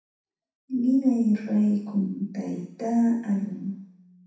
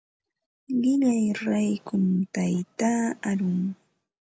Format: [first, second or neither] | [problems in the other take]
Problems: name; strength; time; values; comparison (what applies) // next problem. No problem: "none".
second | room echo; dies away in 0.6 s